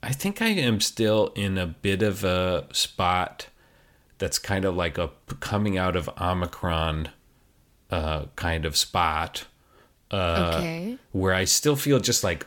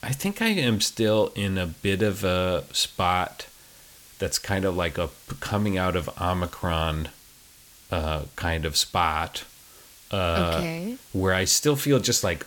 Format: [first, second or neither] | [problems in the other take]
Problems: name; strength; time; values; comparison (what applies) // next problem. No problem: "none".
first | hiss; faint; throughout; 25 dB below the speech